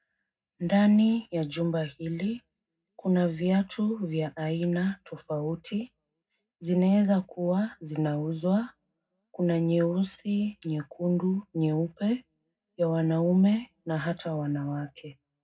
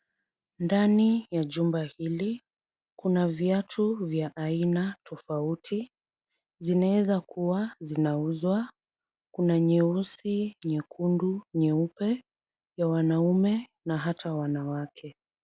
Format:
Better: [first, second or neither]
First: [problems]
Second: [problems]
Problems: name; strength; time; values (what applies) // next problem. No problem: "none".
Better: second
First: room echo; dies away in 0.3 s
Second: none